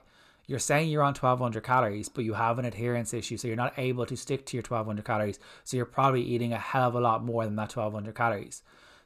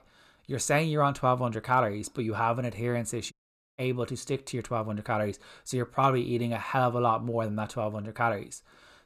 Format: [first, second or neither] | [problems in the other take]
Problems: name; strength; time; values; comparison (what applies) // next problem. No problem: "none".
first | audio cutting out; at 3.5 s